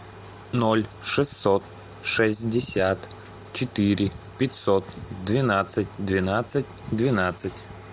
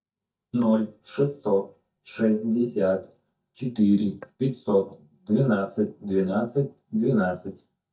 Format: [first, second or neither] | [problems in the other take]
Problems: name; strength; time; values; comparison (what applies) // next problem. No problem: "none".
first | noise reduction (neural mask model DeepFilterNet 3)